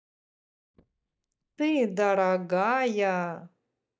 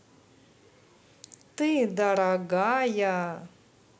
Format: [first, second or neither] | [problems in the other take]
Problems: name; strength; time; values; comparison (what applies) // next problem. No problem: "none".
second | noise reduction (neural mask model DeepFilterNet 3)